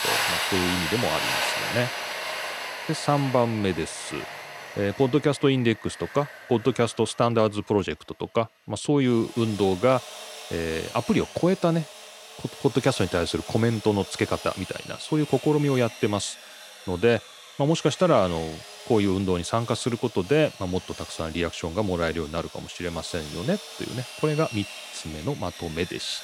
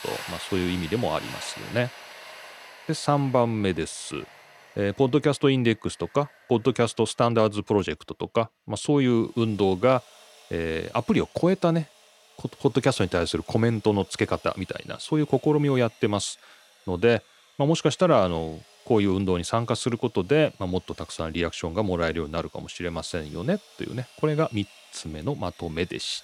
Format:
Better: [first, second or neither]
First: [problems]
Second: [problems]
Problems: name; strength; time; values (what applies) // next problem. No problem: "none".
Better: second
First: machinery noise; loud; throughout; 8 dB below the speech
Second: machinery noise; faint; throughout; 20 dB below the speech